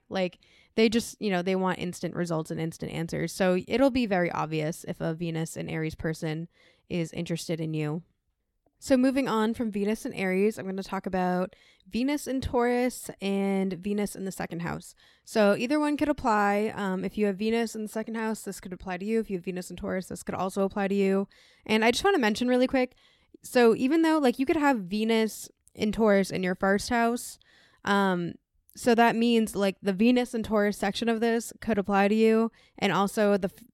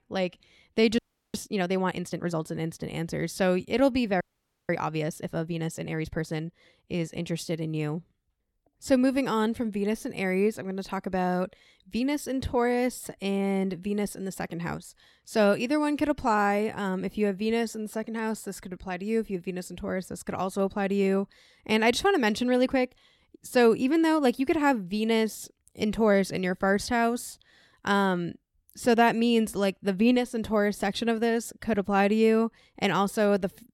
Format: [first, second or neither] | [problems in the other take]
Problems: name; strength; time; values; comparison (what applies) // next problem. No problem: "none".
first | audio freezing; at 1 s and at 4 s